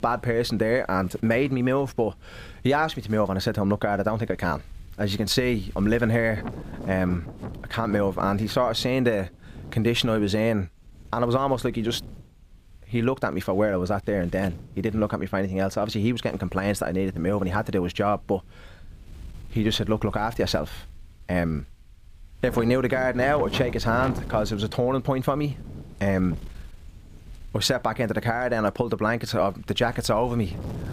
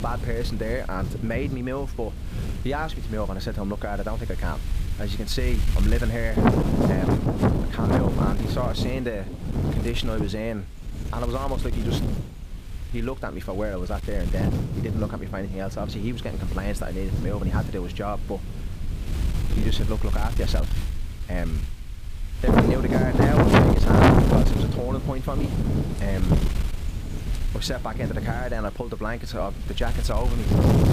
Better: first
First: wind noise on the microphone; occasional gusts; 20 dB below the speech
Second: wind noise on the microphone; heavy; 3 dB above the speech

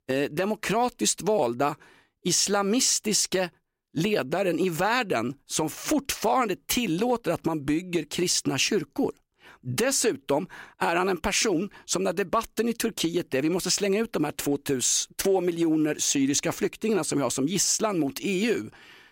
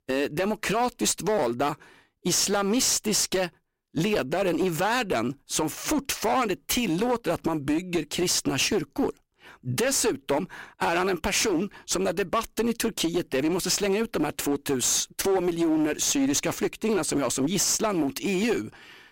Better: first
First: none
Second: distortion; slight; 12% of the sound clipped

